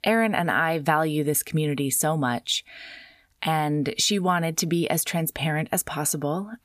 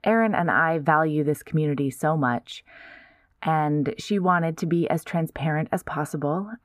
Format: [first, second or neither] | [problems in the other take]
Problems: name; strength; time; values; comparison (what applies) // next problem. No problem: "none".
first | muffled; very; fading above 2.5 kHz